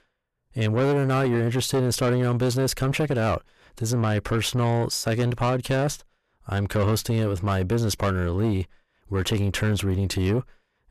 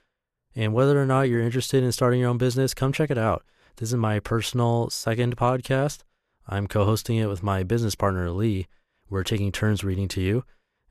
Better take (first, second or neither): second